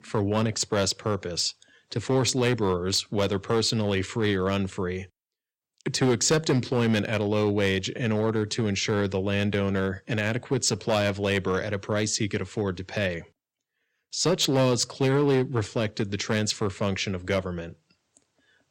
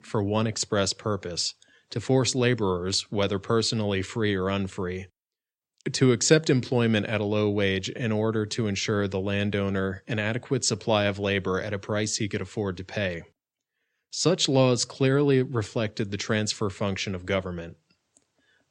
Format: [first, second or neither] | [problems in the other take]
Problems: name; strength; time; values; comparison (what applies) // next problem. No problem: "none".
second | distortion; slight; 4% of the sound clipped